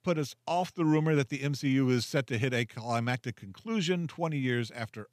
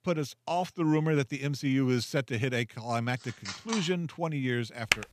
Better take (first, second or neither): first